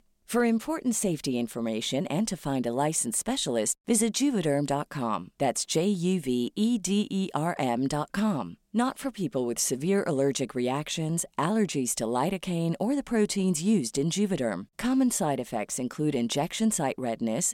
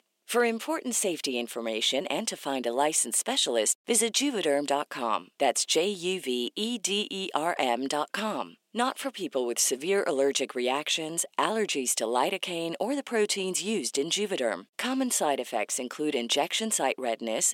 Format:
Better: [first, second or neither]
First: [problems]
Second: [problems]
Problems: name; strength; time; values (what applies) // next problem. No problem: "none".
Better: first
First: none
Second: thin; somewhat; fading below 350 Hz